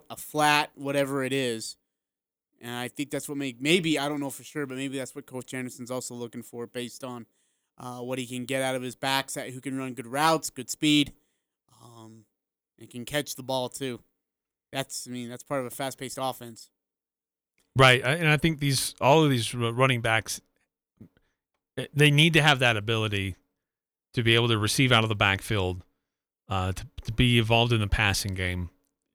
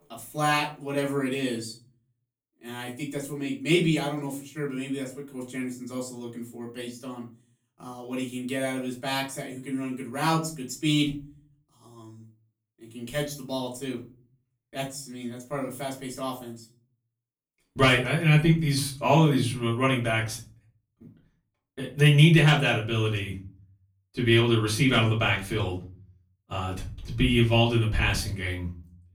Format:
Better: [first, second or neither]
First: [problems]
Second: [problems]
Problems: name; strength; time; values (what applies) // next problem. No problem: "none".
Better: first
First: none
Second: off-mic speech; far // room echo; slight; dies away in 0.4 s